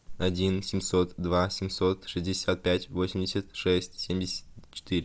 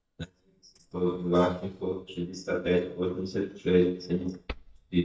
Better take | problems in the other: first | noise reduction (neural mask model DeepFilterNet 3)

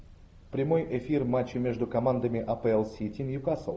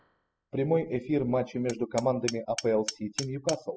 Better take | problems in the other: first | noise reduction (classical method spectral subtraction)

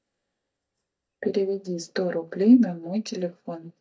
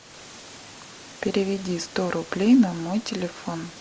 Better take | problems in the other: second | noise reduction (neural mask model DeepFilterNet 3)

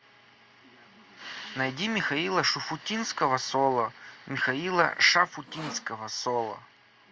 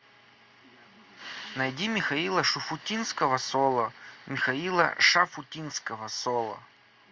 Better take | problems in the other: second | background sound (Sawing); 19 dB below the speech

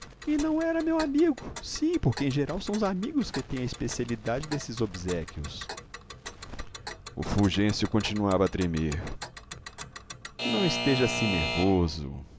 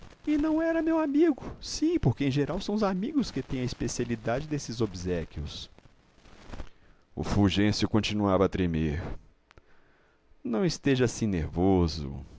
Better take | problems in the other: second | background sound (Alarm / Clock); 10 dB below the speech

